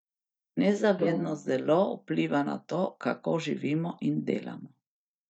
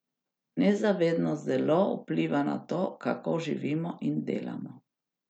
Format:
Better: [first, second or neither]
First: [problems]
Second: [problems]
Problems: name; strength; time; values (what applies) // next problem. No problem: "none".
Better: second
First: noise reduction (neural mask model DeepFilterNet 3)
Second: none